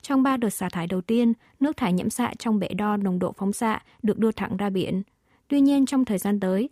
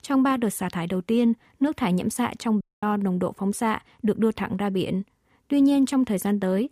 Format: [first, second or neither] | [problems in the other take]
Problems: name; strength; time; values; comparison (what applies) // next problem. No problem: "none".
first | audio cutting out; at 2.5 s